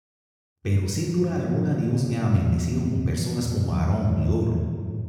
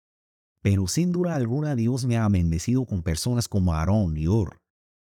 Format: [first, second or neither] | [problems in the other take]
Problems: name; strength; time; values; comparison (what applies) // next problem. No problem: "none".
second | off-mic speech; far // room echo; noticeable; dies away in 2 s